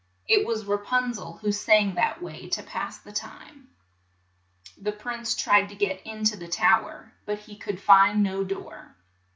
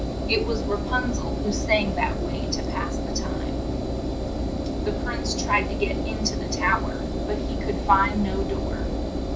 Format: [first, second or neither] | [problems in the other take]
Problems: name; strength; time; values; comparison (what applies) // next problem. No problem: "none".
first | background sound (Engine); 2 dB above the speech